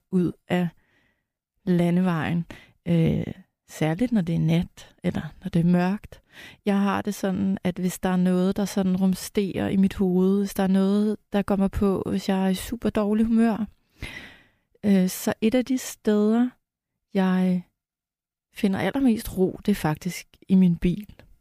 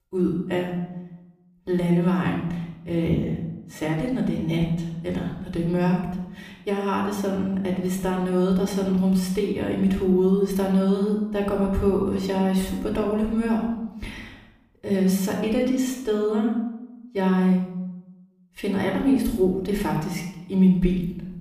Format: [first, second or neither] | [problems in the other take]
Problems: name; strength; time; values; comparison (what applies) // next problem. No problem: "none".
first | off-mic speech; somewhat distant // room echo; noticeable; dies away in 0.7 s